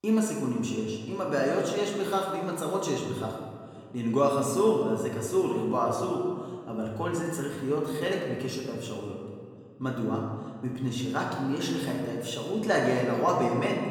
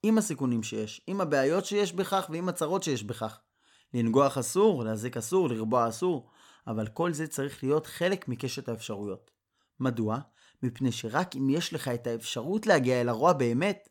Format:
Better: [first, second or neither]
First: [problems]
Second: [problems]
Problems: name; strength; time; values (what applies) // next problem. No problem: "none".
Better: second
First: room echo; noticeable; dies away in 1.6 s // off-mic speech; far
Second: none